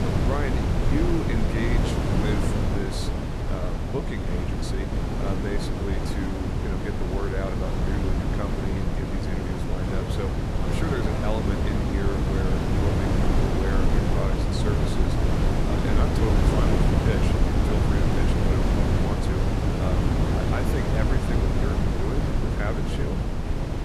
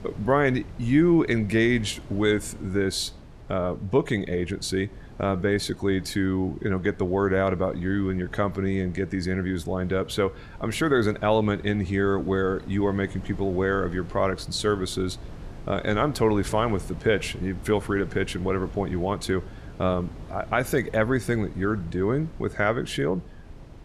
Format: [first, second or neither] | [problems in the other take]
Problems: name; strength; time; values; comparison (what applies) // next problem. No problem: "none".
second | wind noise on the microphone; heavy; 4 dB above the speech; occasional gusts in the second